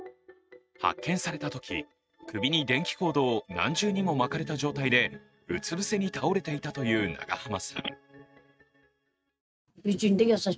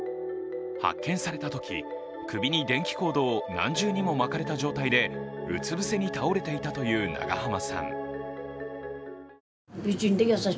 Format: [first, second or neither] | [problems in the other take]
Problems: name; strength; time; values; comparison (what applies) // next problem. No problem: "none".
second | noise reduction (neural mask model RNNoise)